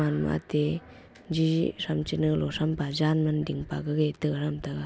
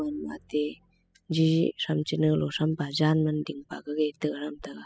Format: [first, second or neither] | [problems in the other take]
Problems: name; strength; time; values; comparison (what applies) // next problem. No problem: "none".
first | noise reduction (classical method spectral subtraction)